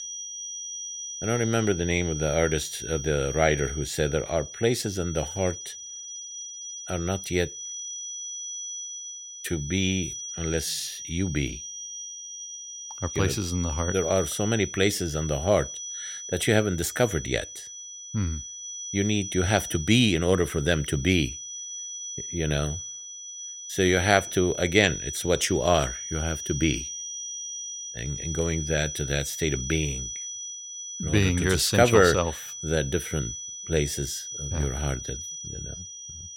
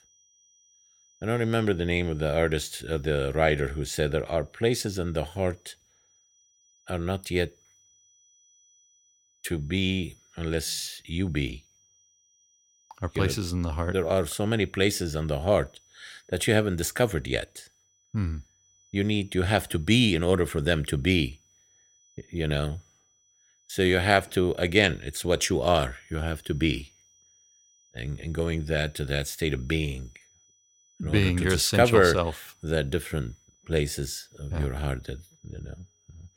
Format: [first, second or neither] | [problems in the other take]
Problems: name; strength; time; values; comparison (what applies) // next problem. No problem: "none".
second | high-pitched whine; loud; throughout; 6 kHz, 8 dB below the speech; faint in the second